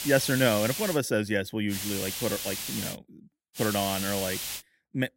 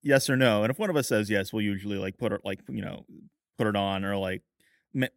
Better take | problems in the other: second | hiss; loud; at the start, from 1.5 to 3 s and from 3.5 to 4.5 s; 4 dB below the speech

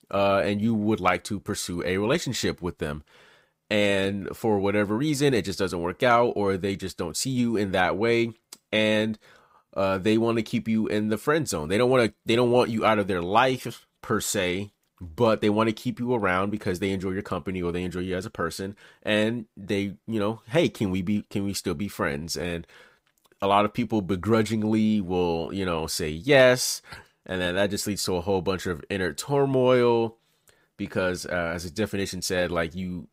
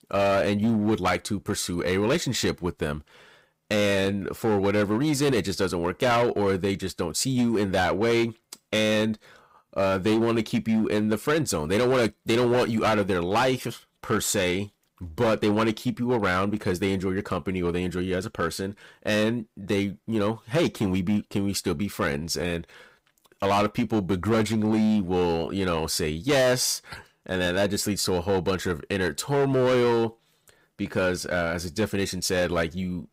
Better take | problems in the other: first | distortion; slight; 9% of the sound clipped

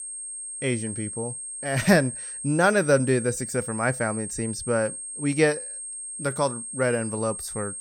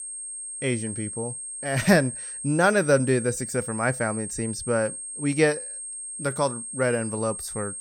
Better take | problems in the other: neither | high-pitched whine; loud; throughout; 8.5 kHz, 7 dB below the speech; the same in both

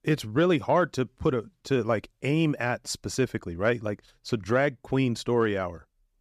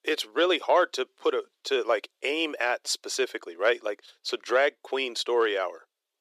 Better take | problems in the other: first | thin; very; fading below 350 Hz

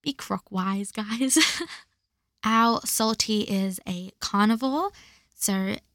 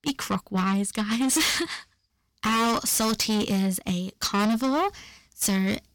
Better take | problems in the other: first | distortion; heavy; 6 dB below the speech

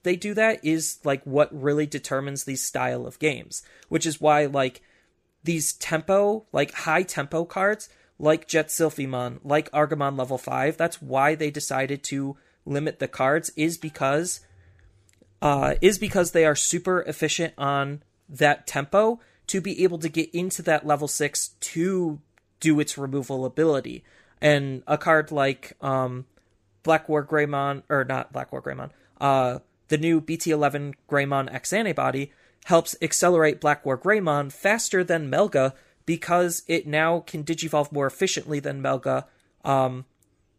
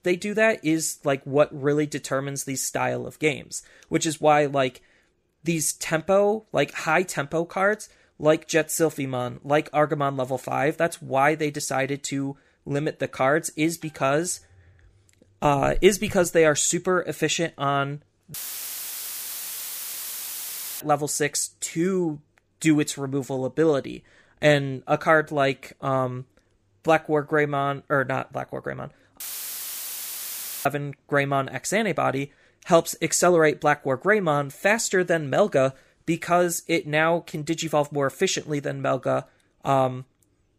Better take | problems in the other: first | audio cutting out; filled with static; at 18 s for 2.5 s and at 29 s for 1.5 s

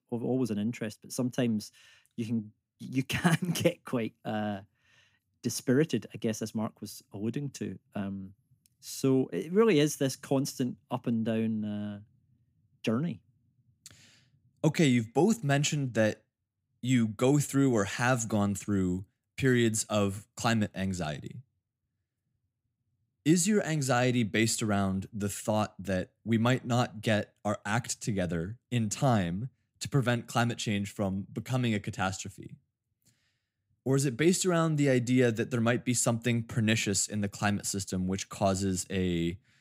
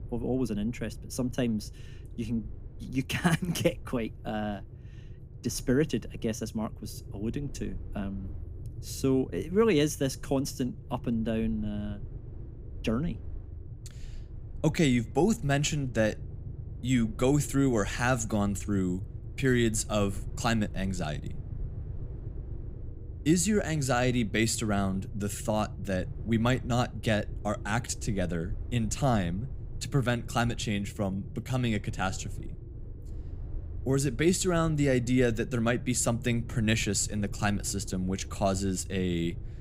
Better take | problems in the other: first | low rumble; faint; throughout; 25 dB below the speech

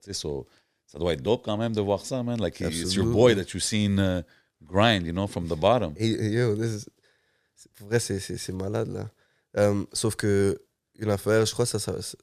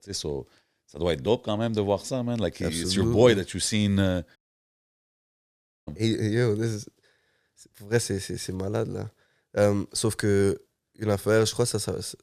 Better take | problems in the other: first | audio cutting out; at 4.5 s for 1.5 s

